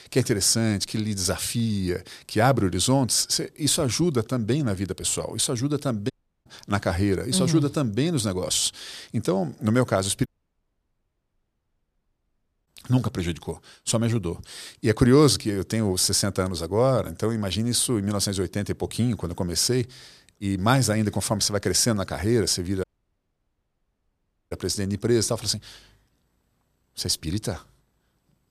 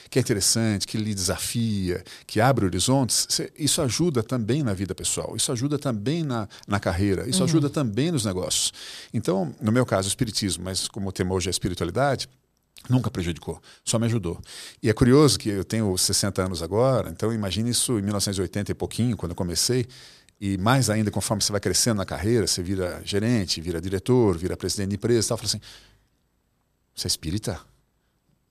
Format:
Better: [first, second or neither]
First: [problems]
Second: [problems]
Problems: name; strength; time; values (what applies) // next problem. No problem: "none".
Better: second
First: audio cutting out; at 6 s, at 10 s for 2.5 s and at 23 s for 1.5 s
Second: none